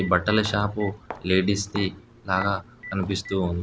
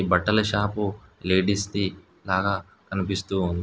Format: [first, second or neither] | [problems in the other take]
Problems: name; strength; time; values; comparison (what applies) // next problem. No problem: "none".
second | background sound (Telephone + Walk, footsteps); 16 dB below the speech